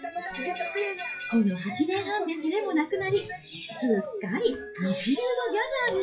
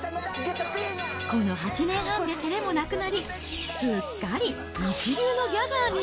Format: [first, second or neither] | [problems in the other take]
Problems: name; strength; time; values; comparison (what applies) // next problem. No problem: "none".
second | noise reduction (classical method WPE with log-MMSE)